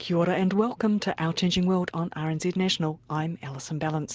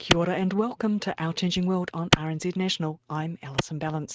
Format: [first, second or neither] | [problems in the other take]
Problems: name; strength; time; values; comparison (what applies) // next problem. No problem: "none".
first | noise reduction (neural mask model RNNoise)